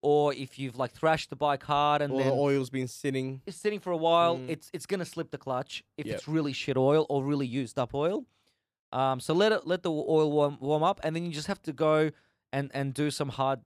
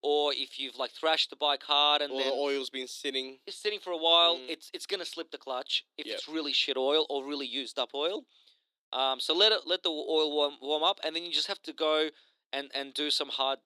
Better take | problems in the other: first | thin; somewhat; fading below 300 Hz

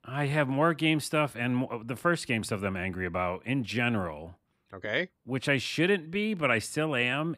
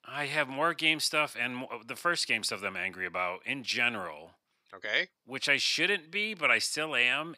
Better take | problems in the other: first | thin; somewhat; fading below 950 Hz

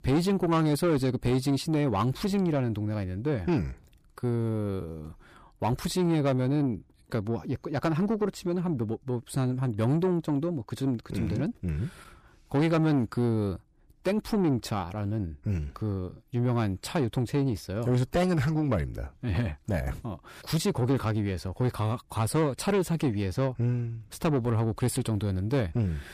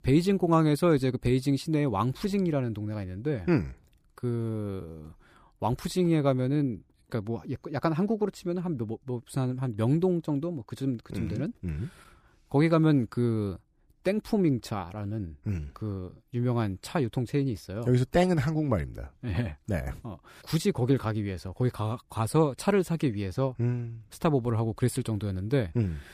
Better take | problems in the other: second | distortion; slight; 10 dB below the speech

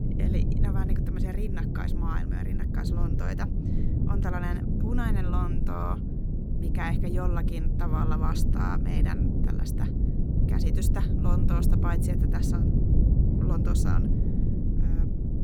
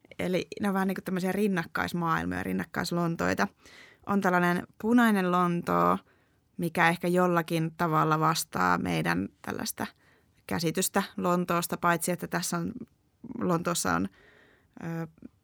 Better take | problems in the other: second | low rumble; loud; throughout; as loud as the speech

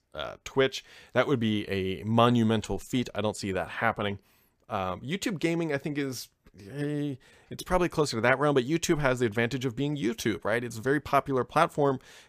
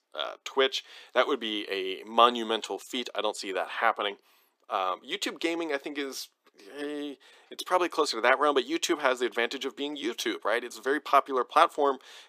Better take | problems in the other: first | thin; somewhat; fading below 300 Hz

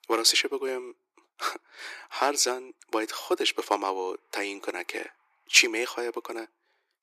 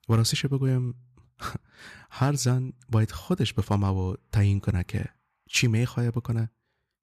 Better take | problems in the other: second | thin; very; fading below 350 Hz

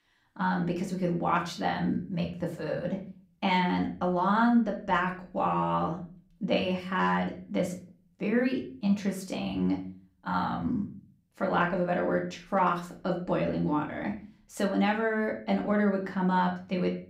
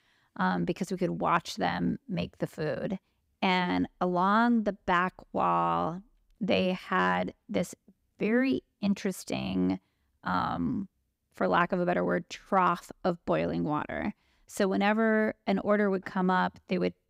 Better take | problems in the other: second | room echo; very slight; dies away in 0.4 s // off-mic speech; somewhat distant

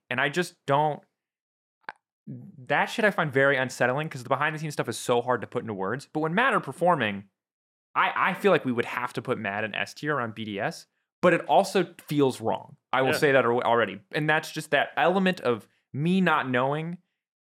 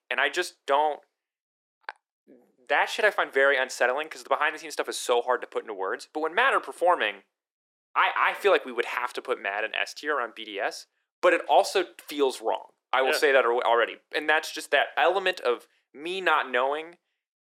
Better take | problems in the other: first | thin; very; fading below 350 Hz

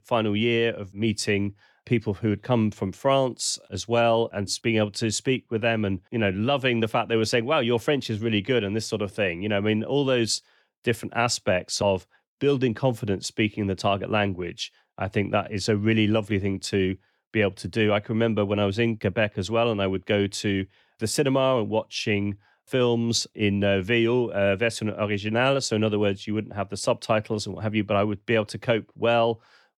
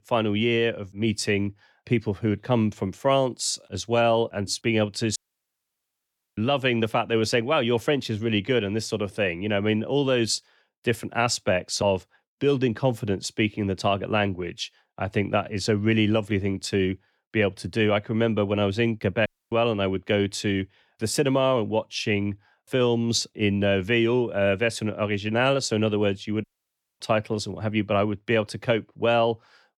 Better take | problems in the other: first | audio cutting out; at 5 s for 1 s, at 19 s and at 26 s for 0.5 s

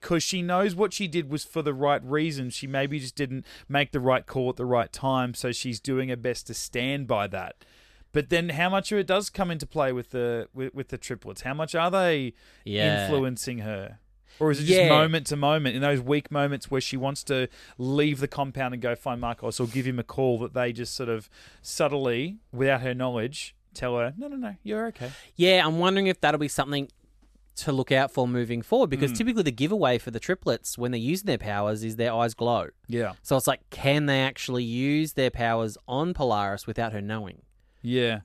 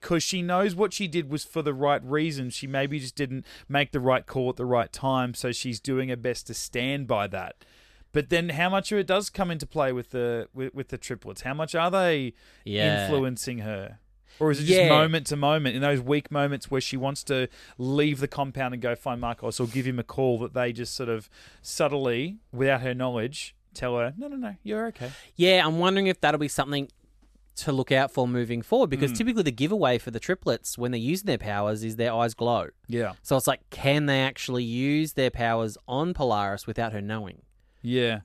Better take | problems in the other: neither | none

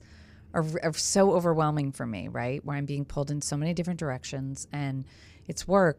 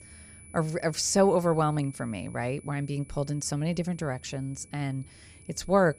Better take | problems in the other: first | high-pitched whine; faint; throughout; 10 kHz, 25 dB below the speech

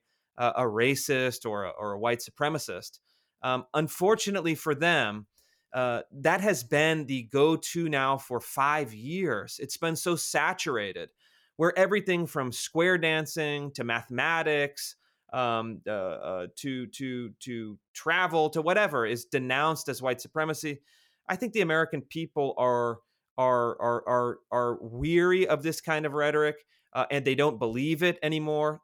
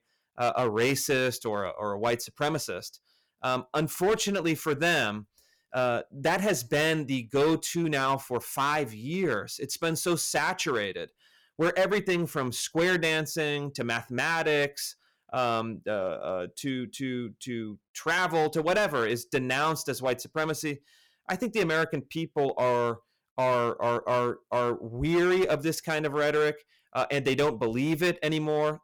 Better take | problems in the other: first | distortion; slight; 7% of the sound clipped

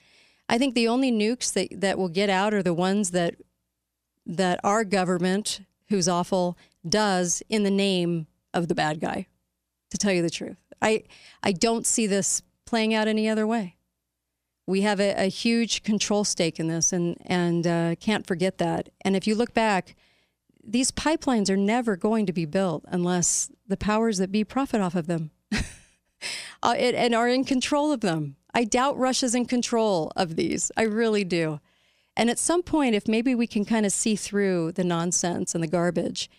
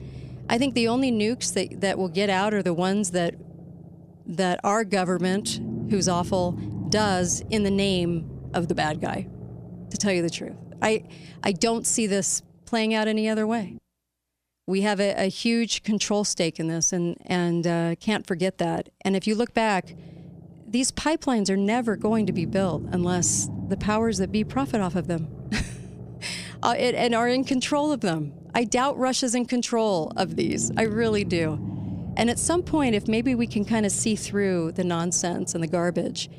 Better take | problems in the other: first | low rumble; noticeable; until 14 s and from 20 s on; 20 dB below the speech

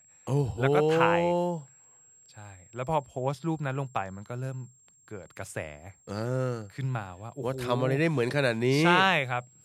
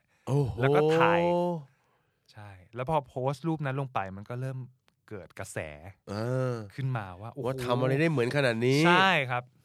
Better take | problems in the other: second | high-pitched whine; faint; throughout; 7.5 kHz, 30 dB below the speech

